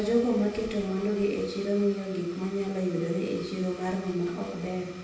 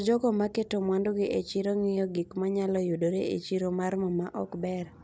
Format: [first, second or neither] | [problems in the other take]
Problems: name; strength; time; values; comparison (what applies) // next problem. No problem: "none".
second | background sound (Domestic sounds, home sounds); 19 dB below the speech // room echo; dies away in 0.9 s